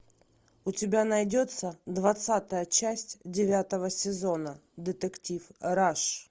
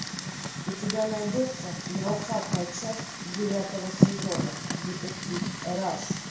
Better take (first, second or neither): first